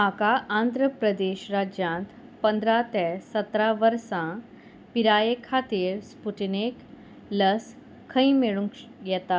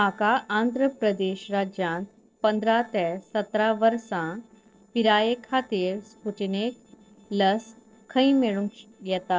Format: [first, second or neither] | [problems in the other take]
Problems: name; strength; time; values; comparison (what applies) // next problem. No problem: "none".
first | noise reduction (neural separator model SepFormer DNS4)